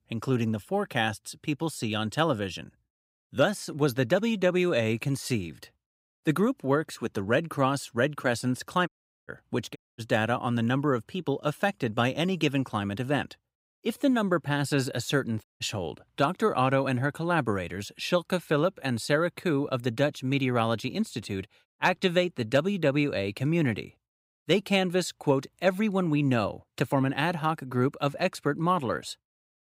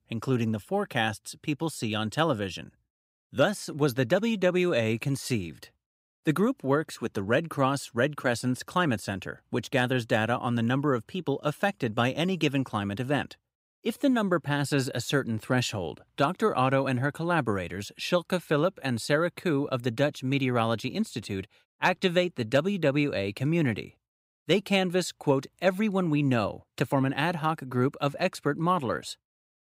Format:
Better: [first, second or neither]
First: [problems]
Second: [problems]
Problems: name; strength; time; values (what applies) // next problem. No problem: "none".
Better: second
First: audio cutting out; at 9 s, at 10 s and at 15 s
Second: none